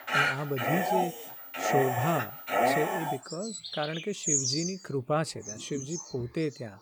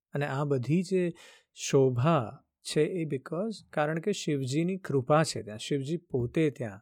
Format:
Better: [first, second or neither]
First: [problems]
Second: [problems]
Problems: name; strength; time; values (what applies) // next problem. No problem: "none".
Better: second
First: animal sounds; very loud; throughout; 3 dB above the speech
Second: none